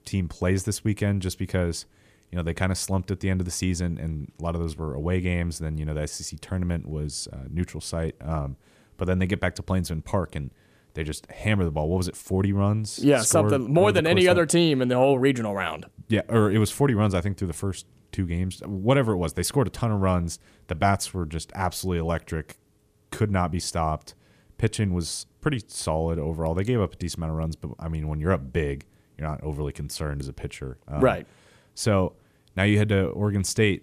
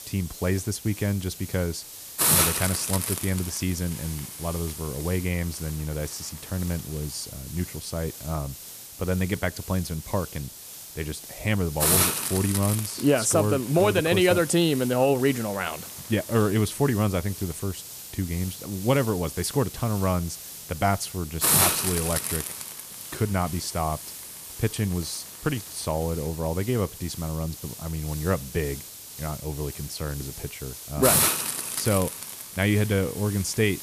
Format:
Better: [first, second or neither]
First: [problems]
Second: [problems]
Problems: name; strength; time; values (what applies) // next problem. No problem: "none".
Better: first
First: none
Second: hiss; loud; throughout; 3 dB below the speech